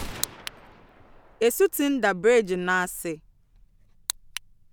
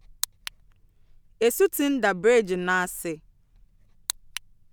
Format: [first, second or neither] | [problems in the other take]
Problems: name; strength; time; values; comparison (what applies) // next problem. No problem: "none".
second | background sound (Gunshot, gunfire); 20 dB below the speech